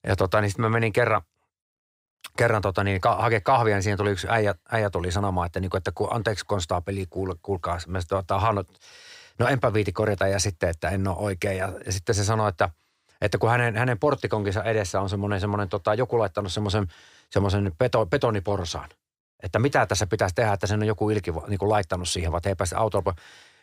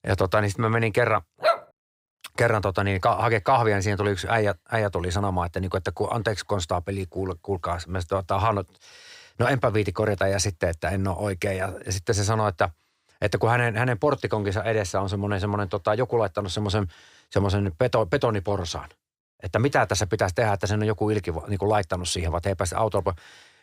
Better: first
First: none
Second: dog barking; loud; at 1.5 s; peak 1 dB above the speech

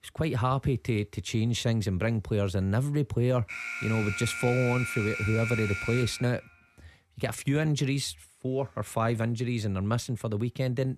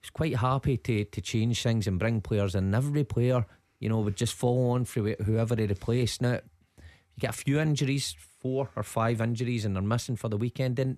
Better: second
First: alarm; noticeable; from 3.5 to 6.5 s; peak 4 dB below the speech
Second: none

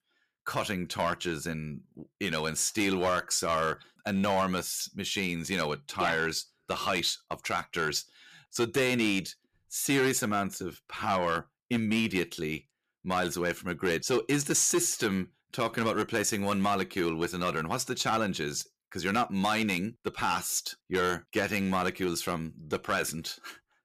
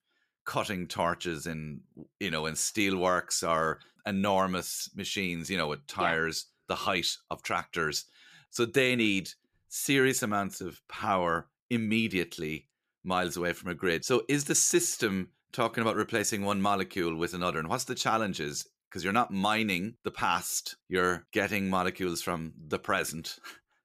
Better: second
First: distortion; slight; 4% of the sound clipped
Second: none

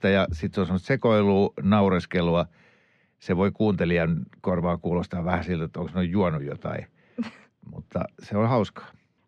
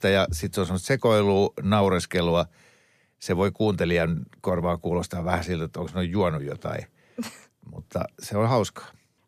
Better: second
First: muffled; slightly; fading above 3 kHz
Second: none

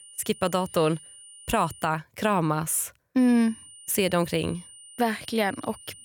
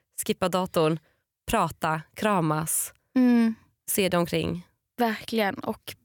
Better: second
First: high-pitched whine; noticeable; until 2 s and from 3 s on; 9 kHz, 20 dB below the speech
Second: none

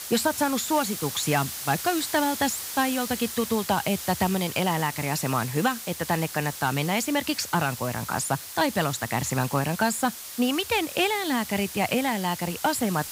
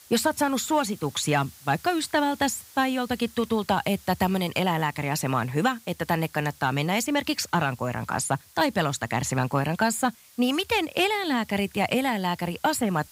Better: second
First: hiss; loud; throughout; 8 dB below the speech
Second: hiss; faint; throughout; 25 dB below the speech

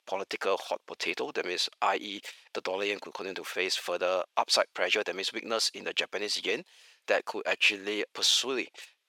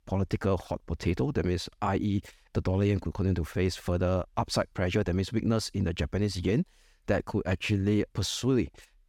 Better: second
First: thin; very; fading below 500 Hz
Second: none

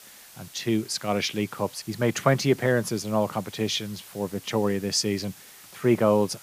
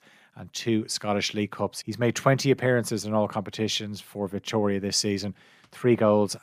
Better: second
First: hiss; faint; throughout; 20 dB below the speech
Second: none

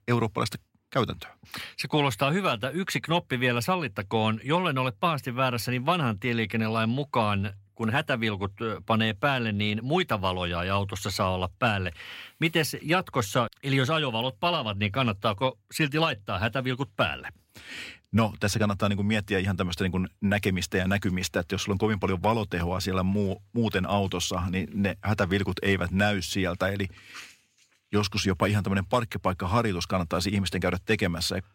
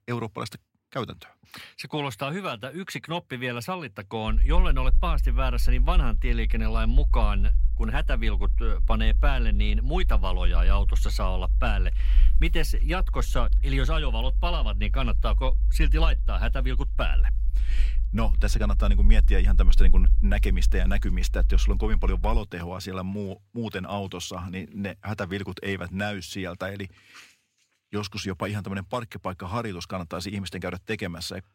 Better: first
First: none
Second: low rumble; noticeable; from 4.5 to 22 s; 20 dB below the speech

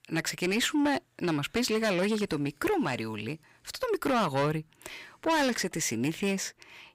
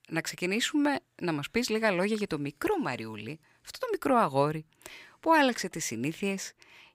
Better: second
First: distortion; heavy; 7 dB below the speech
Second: none

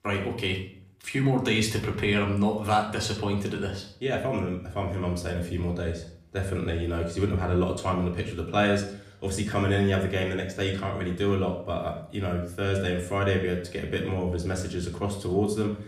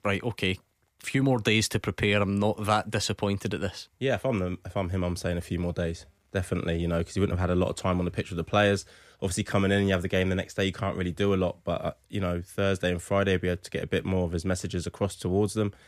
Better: second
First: room echo; slight; dies away in 0.5 s // off-mic speech; far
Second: none

